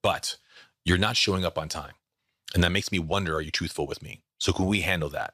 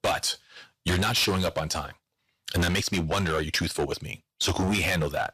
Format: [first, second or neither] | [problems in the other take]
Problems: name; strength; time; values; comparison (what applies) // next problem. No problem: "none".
first | distortion; heavy; 12% of the sound clipped